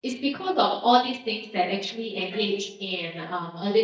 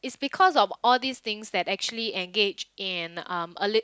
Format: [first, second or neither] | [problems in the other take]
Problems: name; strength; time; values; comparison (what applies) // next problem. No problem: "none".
second | noise reduction (neural mask model DeepFilterNet 3)